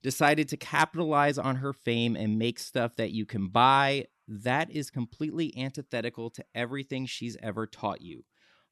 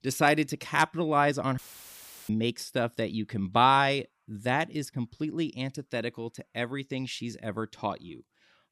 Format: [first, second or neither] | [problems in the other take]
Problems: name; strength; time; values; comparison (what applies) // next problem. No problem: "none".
first | audio cutting out; filled with static; at 1.5 s for 0.5 s